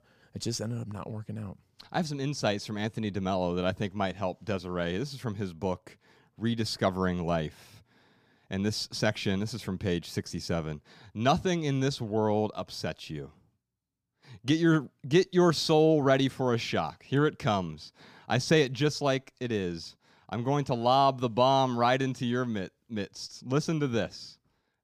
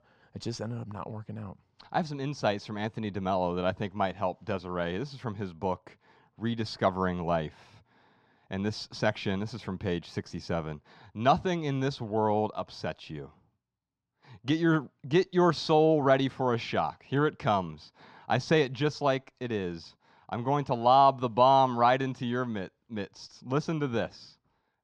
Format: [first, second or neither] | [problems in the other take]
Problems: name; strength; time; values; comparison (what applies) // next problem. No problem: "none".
first | muffled; slightly; fading above 4.5 kHz